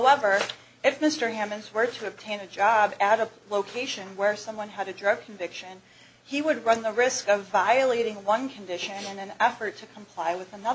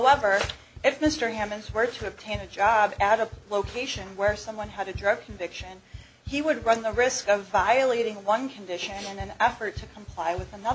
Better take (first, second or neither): first